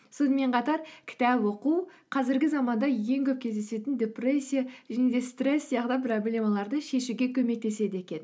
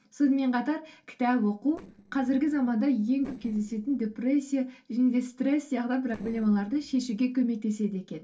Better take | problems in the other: first | noise reduction (neural separator model SepFormer DNS4)

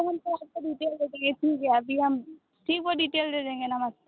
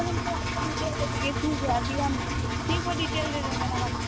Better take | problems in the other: first | background sound (Engine); 3 dB above the speech

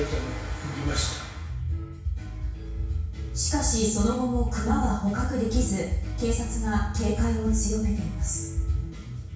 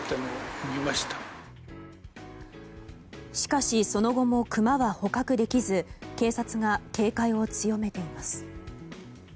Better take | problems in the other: second | room echo; dies away in 0.6 s

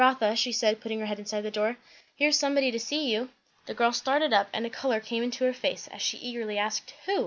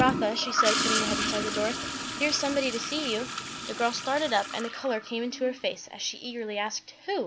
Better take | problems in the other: first | background sound (Toilet flush / Gurgling); 3 dB below the speech

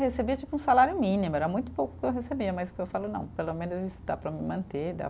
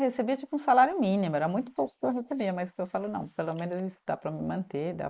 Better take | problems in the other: first | noise reduction (neural mask model Resemble Enhance denoiser)

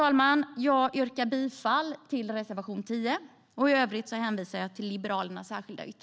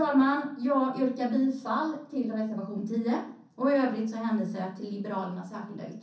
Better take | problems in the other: first | room echo; dies away in 0.6 s

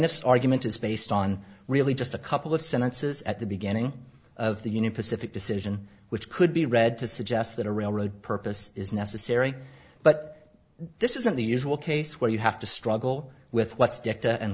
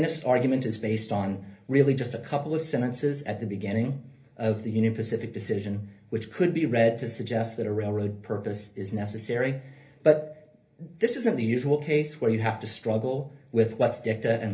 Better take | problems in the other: first | room echo; dies away in 0.3 s

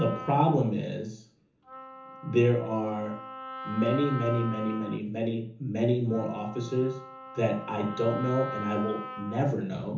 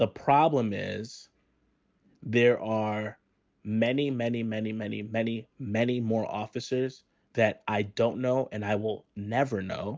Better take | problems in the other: second | background sound (Wind instrument, woodwind instrument); 12 dB below the speech // room echo; dies away in 0.7 s

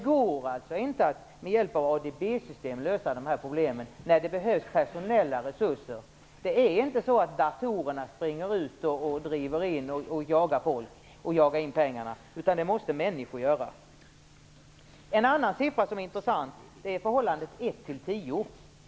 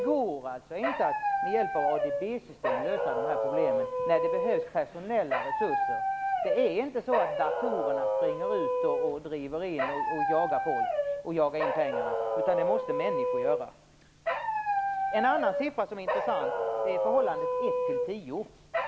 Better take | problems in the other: first | background sound (Dog); 2 dB above the speech

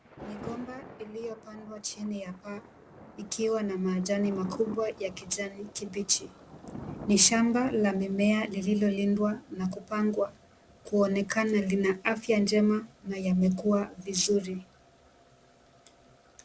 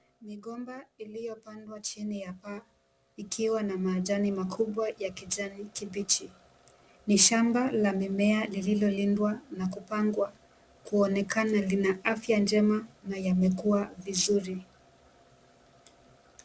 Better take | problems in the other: second | background sound (Thunder); 20 dB below the speech

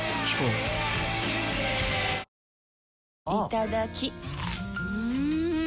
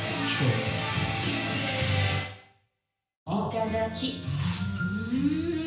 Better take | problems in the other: first | room echo; dies away in 0.5 s

